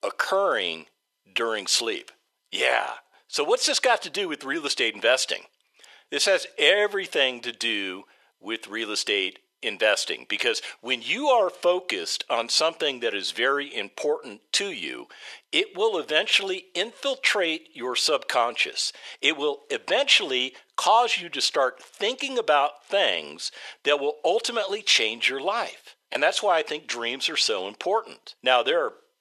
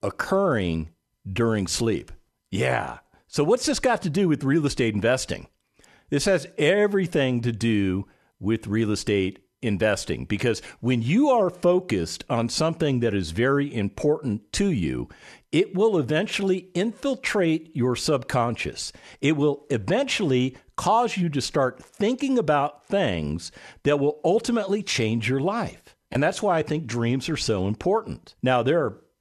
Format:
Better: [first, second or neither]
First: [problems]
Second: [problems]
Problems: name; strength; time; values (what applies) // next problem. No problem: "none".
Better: second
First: thin; very; fading below 500 Hz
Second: none